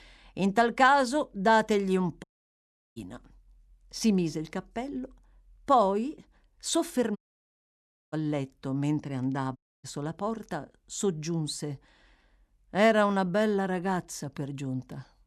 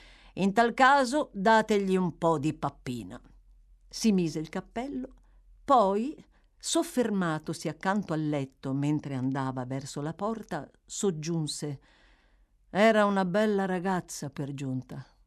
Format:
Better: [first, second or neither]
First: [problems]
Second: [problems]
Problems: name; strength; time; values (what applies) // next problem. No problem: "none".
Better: second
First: audio cutting out; at 2 s for 0.5 s, at 7 s for 1 s and at 9.5 s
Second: none